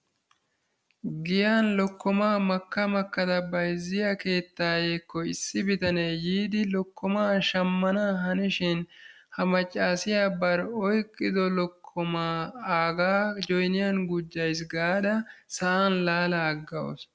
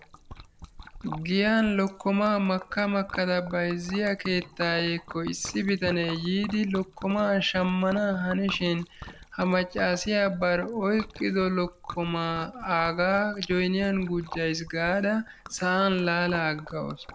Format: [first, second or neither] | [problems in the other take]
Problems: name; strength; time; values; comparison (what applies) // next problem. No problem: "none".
first | background sound (Liquid); 17 dB below the speech